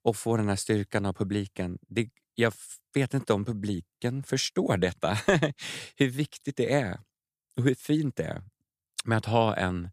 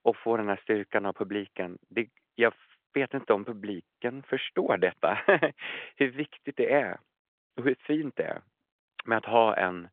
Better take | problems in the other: first | phone-call audio; nothing above 3.5 kHz

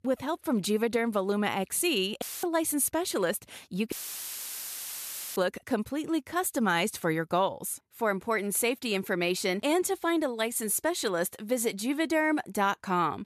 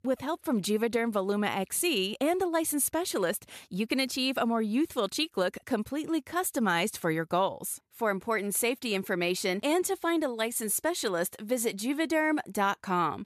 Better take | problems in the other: second | audio cutting out; filled with static; at 2 s and at 4 s for 1.5 s

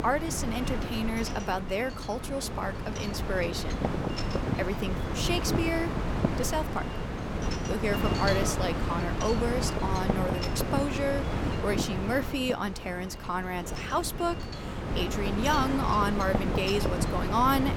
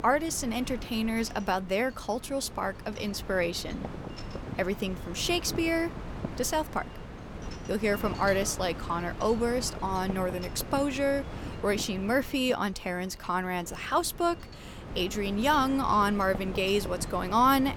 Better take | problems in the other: second | wind noise on the microphone; heavy; 4 dB below the speech; occasional gusts in the second

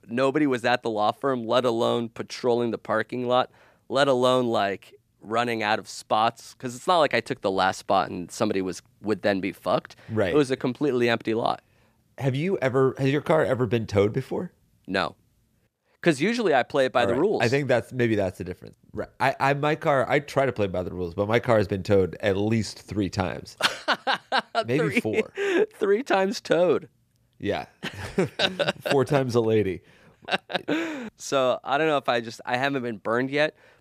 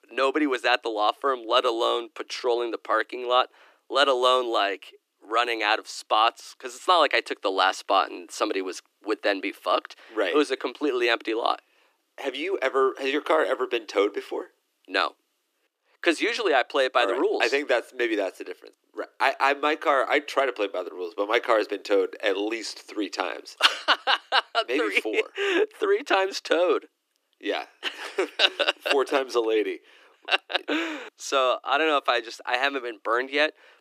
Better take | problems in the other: first | thin; somewhat; fading below 300 Hz

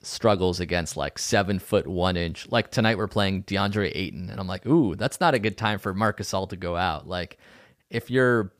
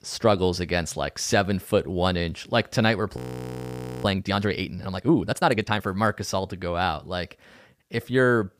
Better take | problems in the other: first | audio freezing; at 3 s for 1 s

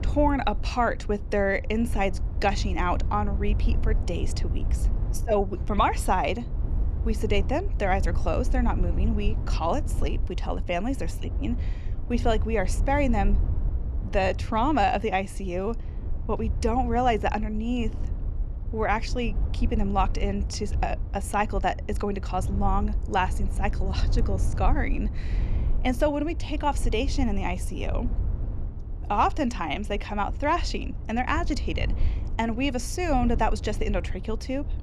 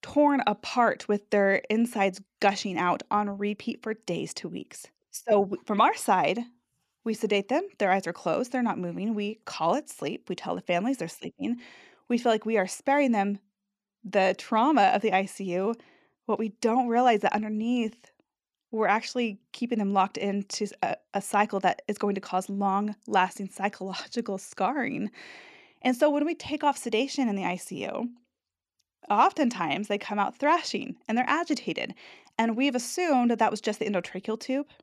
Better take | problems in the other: second | wind noise on the microphone; occasional gusts; 20 dB below the speech

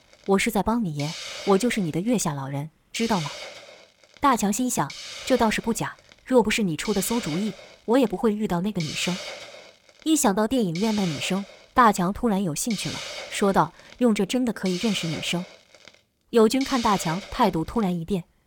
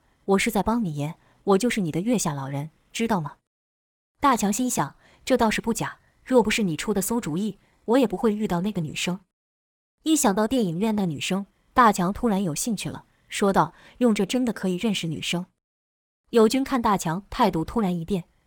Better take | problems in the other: second | hiss; noticeable; throughout; 10 dB below the speech

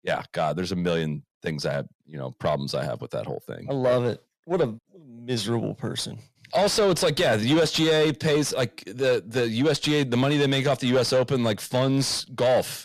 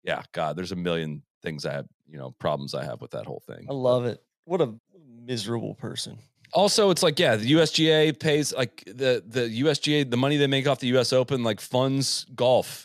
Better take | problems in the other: second | distortion; slight; 10 dB below the speech

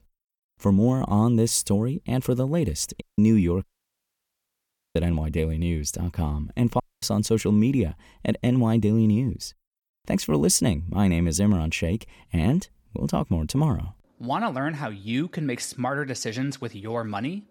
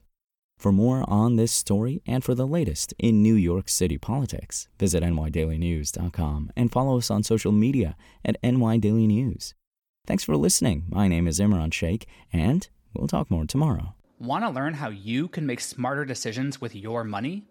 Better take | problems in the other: second | audio cutting out; at 3 s, at 3.5 s for 1.5 s and at 7 s

